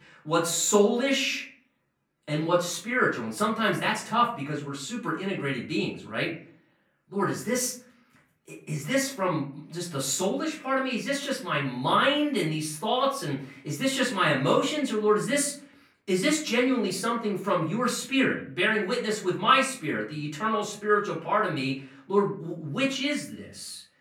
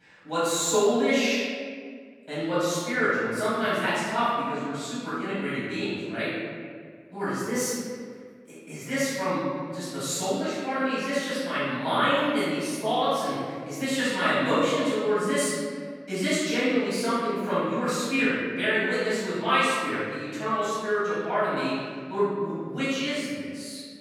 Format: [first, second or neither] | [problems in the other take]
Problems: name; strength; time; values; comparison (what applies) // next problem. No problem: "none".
first | room echo; strong; dies away in 1.8 s; slight in the first // off-mic speech; far; far in the first